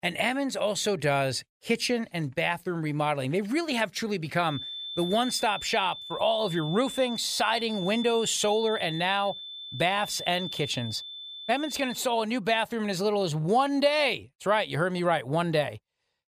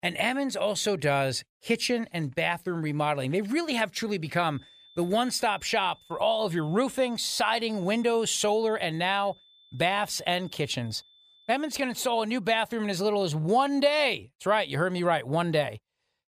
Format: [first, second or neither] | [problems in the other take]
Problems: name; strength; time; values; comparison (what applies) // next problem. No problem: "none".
second | high-pitched whine; loud; from 4.5 to 12 s; 3.5 kHz, 9 dB below the speech; faint in the second